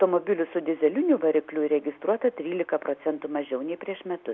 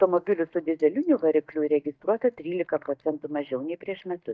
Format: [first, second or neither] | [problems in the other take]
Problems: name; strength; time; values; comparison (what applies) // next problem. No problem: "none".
first | noise reduction (neural mask model DeepFilterNet 3)